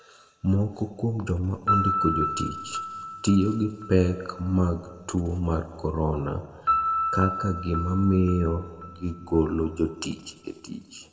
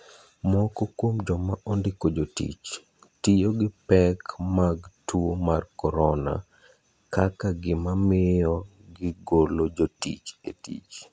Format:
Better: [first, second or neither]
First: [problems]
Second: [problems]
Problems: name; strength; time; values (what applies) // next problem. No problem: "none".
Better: second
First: background sound (Piano); 6 dB below the speech // room echo; dies away in 1.8 s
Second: none